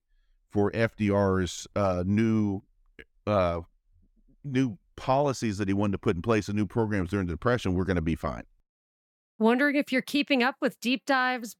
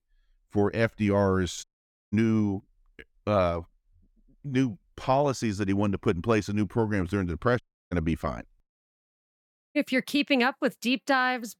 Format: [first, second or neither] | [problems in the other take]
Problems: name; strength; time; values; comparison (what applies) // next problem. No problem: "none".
first | audio cutting out; at 1.5 s, at 7.5 s and at 9.5 s